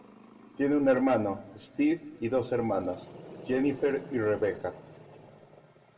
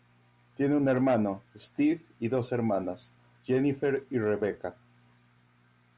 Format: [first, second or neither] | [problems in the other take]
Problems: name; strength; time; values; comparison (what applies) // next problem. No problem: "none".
second | background sound (Growling); 20 dB below the speech // room echo; dies away in 0.8 s